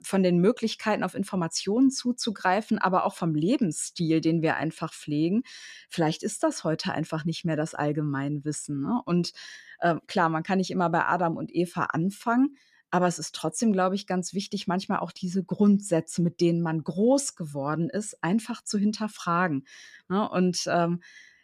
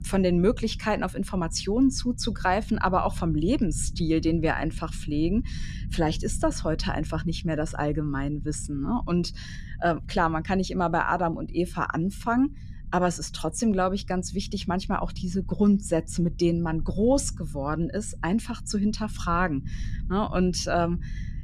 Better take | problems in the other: first | low rumble; faint; throughout; 25 dB below the speech

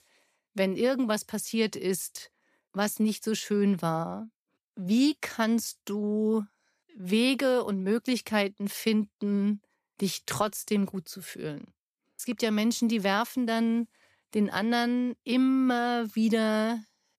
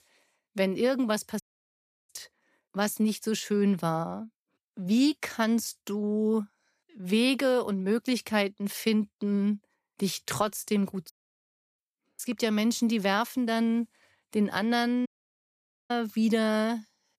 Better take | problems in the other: first | audio cutting out; at 1.5 s for 0.5 s, at 11 s for 0.5 s and at 15 s for 1 s

